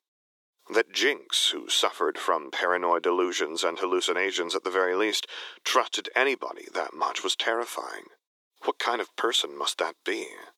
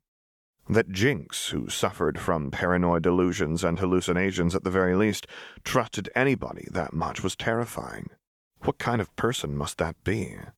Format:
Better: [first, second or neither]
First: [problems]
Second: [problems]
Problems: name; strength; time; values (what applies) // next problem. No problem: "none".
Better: second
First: thin; very; fading below 350 Hz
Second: none